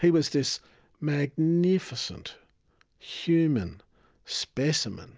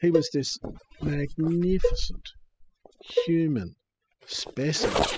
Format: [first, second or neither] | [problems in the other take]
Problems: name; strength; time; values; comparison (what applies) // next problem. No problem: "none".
first | noise reduction (classical method spectral subtraction)